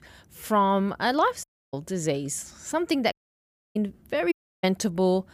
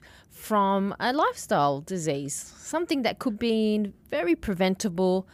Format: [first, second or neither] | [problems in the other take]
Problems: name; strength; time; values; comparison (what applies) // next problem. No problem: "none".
second | audio cutting out; at 1.5 s, at 3 s for 0.5 s and at 4.5 s